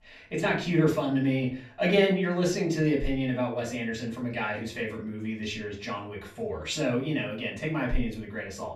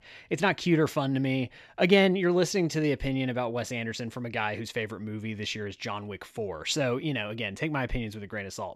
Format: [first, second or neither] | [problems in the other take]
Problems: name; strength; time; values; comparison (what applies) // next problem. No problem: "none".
second | off-mic speech; far // room echo; slight; dies away in 0.4 s